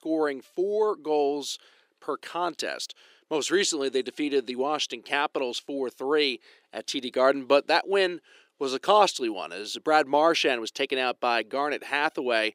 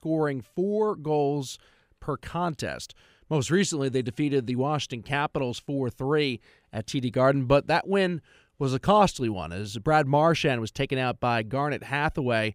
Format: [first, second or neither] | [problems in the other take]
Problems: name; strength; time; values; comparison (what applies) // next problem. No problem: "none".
second | thin; somewhat; fading below 350 Hz